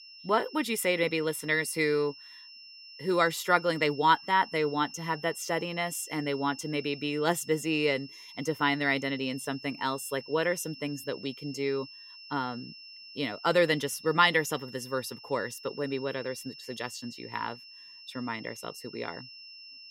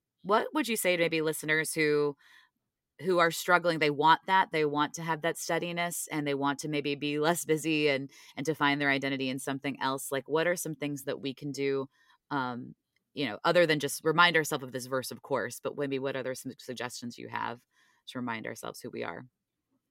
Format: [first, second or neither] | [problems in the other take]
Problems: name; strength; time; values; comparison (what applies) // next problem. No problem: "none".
second | high-pitched whine; noticeable; throughout; 5.5 kHz, 15 dB below the speech